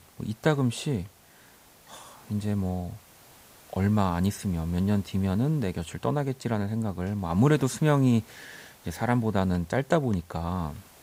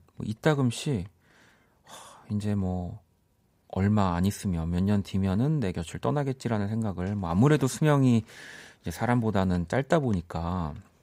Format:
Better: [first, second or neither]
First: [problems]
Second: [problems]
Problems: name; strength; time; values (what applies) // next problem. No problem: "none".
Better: second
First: hiss; faint; throughout; 25 dB below the speech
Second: none